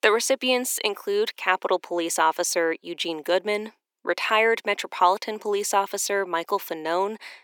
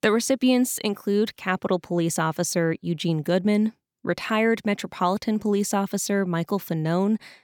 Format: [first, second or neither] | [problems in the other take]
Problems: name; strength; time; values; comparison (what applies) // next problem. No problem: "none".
second | thin; very; fading below 350 Hz